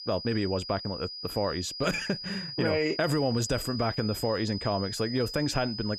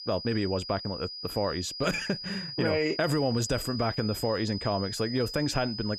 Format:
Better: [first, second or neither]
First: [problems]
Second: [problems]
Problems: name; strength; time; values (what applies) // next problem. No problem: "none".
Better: neither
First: high-pitched whine; loud; throughout; 5 kHz, 7 dB below the speech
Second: high-pitched whine; loud; throughout; 5 kHz, 7 dB below the speech